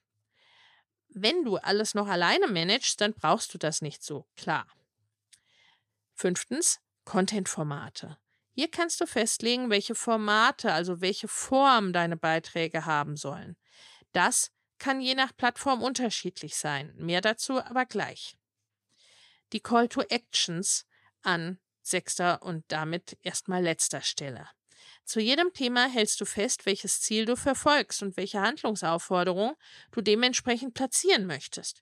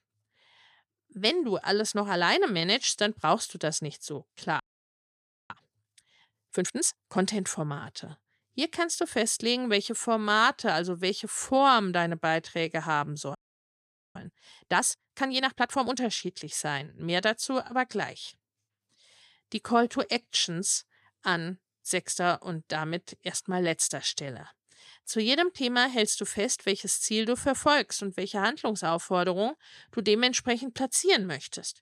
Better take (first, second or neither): first